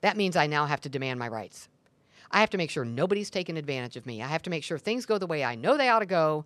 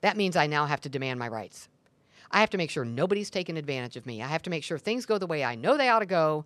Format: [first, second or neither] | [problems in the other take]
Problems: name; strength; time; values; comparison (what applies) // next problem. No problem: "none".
neither | none